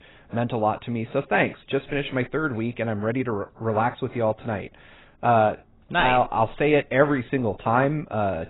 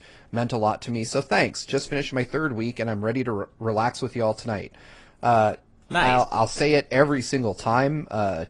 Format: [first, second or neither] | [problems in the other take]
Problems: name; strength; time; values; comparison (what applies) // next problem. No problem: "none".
second | garbled, watery; badly; nothing above 4 kHz; slightly in the second